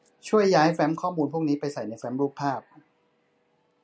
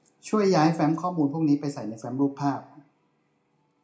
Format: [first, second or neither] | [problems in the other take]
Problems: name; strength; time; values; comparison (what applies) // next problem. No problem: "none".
first | room echo; dies away in 0.4 s